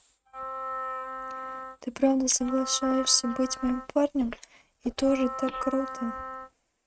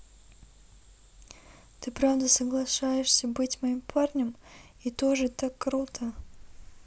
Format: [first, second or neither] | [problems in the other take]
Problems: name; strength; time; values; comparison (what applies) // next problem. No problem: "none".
second | noise reduction (neural mask model RNNoise)